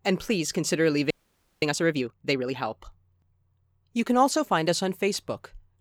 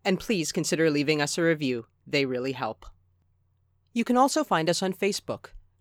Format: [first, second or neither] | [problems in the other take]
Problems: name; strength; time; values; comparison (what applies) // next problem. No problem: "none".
second | audio freezing; at 1 s for 0.5 s